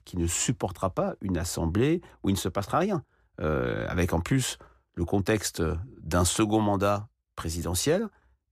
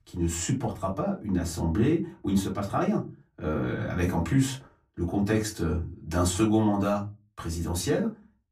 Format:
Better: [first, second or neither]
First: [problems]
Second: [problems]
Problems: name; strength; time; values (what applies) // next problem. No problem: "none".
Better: first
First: none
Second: off-mic speech; far // room echo; very slight; dies away in 0.3 s